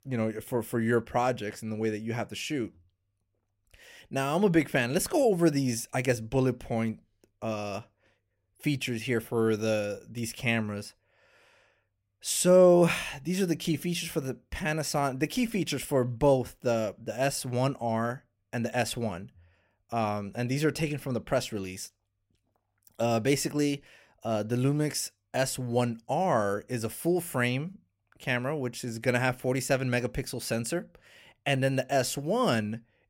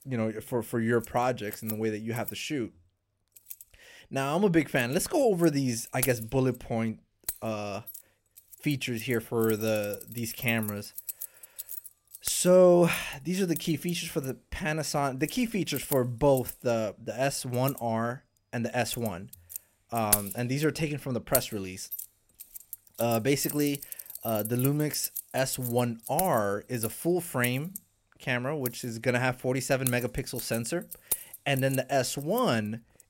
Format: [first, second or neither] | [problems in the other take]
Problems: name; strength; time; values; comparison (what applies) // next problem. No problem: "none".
first | household noises; loud; throughout; 8 dB below the speech